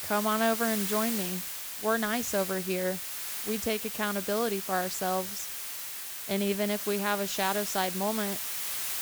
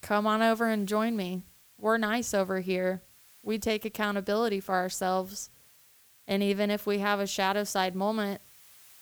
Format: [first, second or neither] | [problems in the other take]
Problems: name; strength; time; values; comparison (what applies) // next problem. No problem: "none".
second | hiss; loud; throughout; 2 dB below the speech; faint in the second